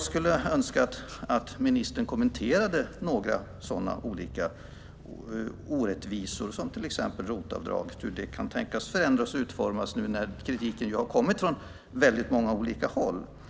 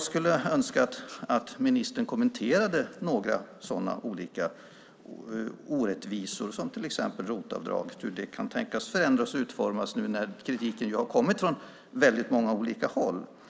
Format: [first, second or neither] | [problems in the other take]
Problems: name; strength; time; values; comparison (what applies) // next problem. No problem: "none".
second | background sound (Purr); 16 dB below the speech